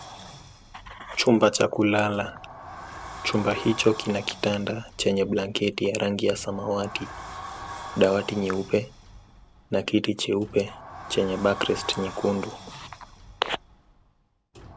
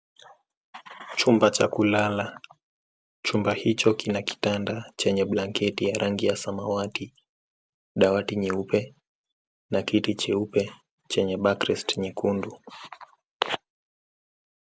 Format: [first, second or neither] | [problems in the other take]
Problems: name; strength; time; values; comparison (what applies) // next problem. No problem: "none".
second | background sound (Sliding door); 15 dB below the speech